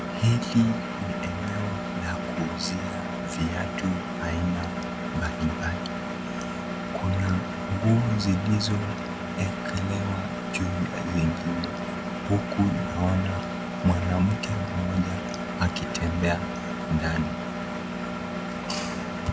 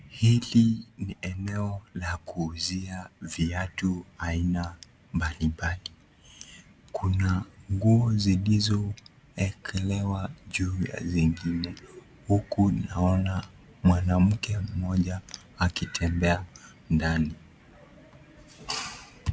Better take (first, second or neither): second